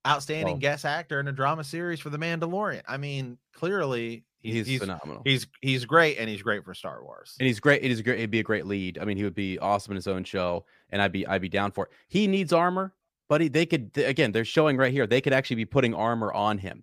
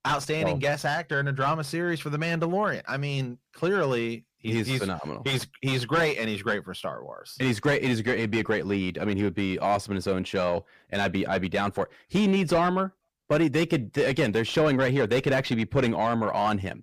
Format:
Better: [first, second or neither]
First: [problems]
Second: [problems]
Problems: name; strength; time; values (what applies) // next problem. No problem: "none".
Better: first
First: none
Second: distortion; heavy; 8 dB below the speech